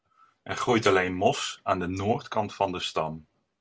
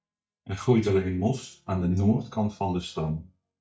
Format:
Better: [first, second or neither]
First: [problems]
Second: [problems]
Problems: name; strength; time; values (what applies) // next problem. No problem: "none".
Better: first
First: none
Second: noise reduction (neural mask model DeepFilterNet 3)